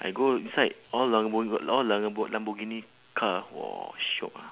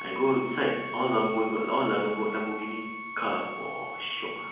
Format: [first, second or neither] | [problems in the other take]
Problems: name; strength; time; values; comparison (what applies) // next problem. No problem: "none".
first | background sound (Bowed string instrument); 9 dB below the speech // room echo; dies away in 1 s